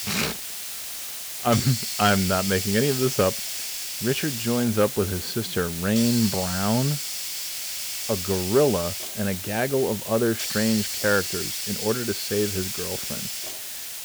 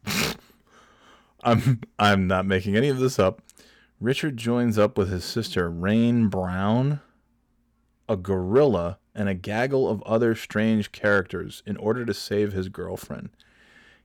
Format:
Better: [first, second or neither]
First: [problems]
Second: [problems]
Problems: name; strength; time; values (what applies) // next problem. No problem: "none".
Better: second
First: hiss; loud; throughout; 3 dB below the speech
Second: none